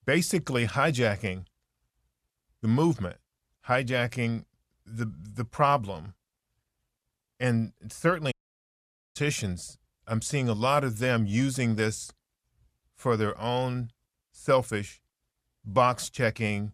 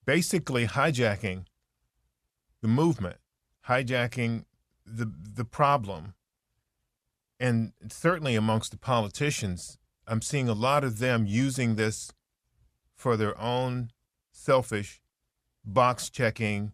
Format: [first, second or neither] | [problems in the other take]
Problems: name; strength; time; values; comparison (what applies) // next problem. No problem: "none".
second | audio cutting out; at 8.5 s for 1 s